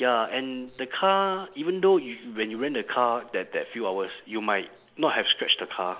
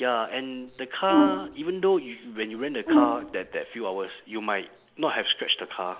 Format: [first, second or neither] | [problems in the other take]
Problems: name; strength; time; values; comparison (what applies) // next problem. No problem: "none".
first | background sound (Brass instrument); 3 dB above the speech